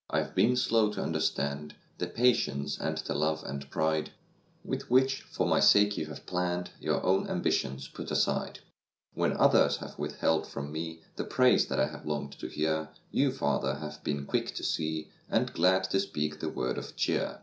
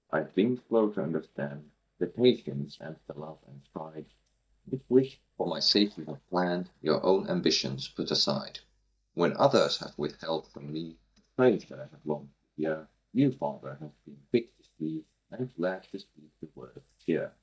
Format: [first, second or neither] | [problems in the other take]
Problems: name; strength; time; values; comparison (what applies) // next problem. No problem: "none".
first | noise reduction (neural mask model DeepFilterNet 3)